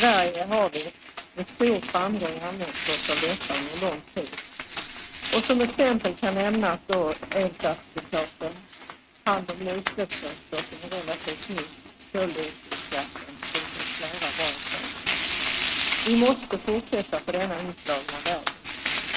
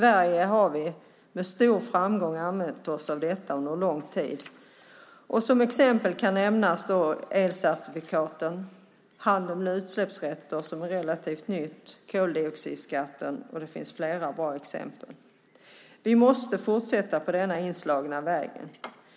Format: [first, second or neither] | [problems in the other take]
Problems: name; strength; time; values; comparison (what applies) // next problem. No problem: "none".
second | noise reduction (neural mask model RNNoise)